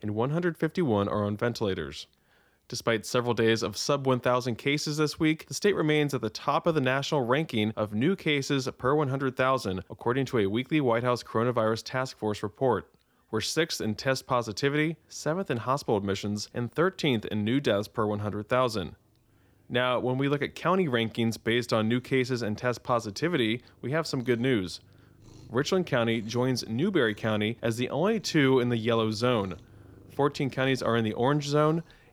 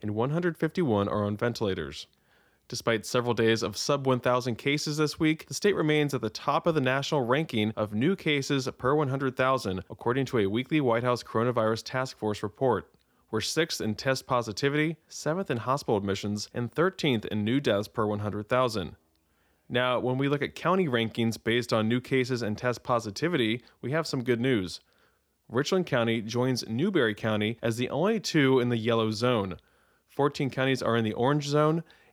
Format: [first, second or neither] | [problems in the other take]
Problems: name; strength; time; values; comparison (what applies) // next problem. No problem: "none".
second | animal sounds; faint; throughout; 30 dB below the speech